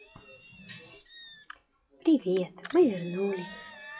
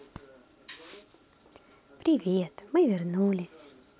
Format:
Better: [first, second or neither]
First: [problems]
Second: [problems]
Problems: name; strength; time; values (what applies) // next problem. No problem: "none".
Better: second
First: noise reduction (classical method WPE with log-MMSE)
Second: none